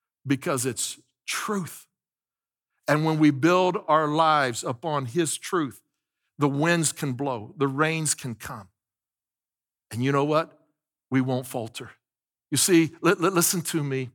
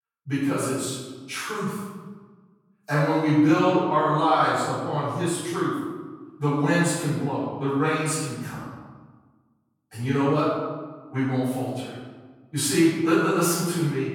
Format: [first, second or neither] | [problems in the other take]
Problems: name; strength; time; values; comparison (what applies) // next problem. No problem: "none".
first | room echo; strong; dies away in 1.2 s // off-mic speech; far